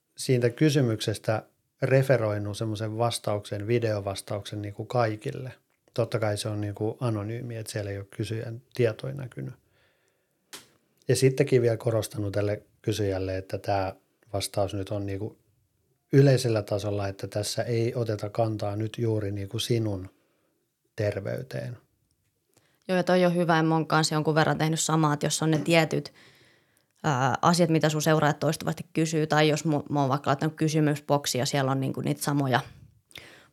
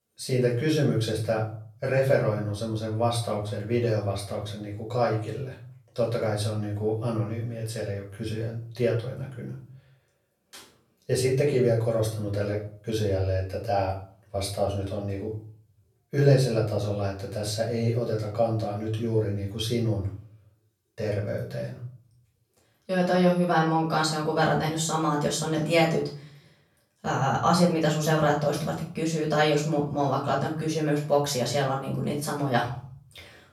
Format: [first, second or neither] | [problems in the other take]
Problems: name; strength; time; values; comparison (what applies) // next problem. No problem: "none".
first | off-mic speech; far // room echo; slight; dies away in 0.4 s